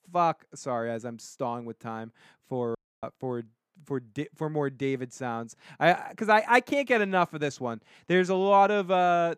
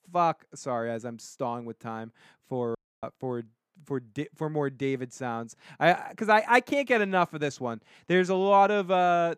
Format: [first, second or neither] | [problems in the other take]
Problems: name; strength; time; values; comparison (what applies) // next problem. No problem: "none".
neither | audio cutting out; at 3 s; the same in both